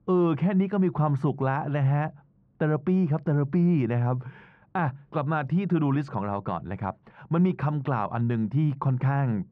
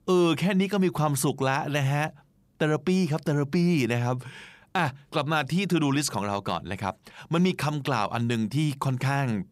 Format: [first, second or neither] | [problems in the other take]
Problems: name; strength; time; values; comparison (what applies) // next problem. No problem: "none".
second | muffled; very; fading above 1.5 kHz